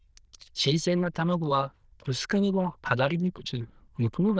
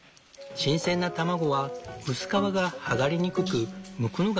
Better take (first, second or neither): second